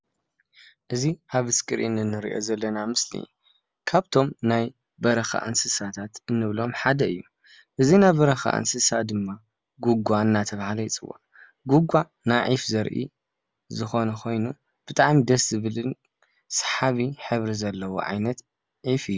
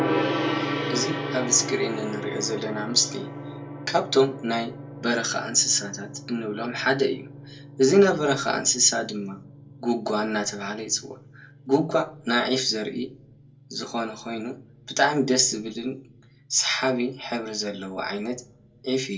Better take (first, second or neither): first